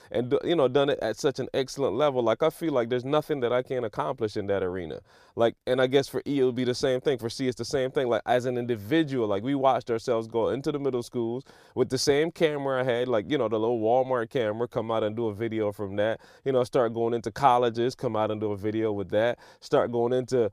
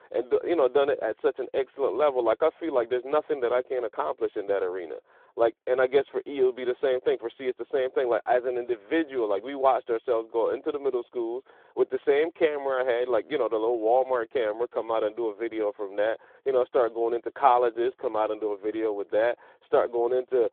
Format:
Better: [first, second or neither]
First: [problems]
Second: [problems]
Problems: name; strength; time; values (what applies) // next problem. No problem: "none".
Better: first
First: none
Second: phone-call audio